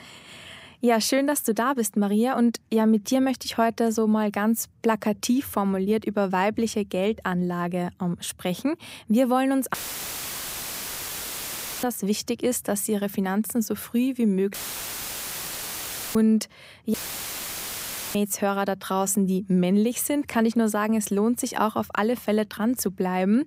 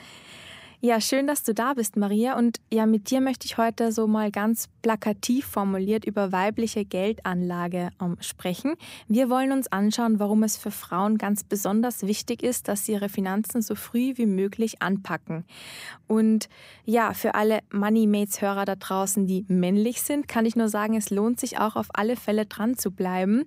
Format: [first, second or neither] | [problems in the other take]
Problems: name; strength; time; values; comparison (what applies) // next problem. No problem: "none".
second | audio cutting out; filled with static; at 9.5 s for 2 s, at 15 s for 1.5 s and at 17 s for 1 s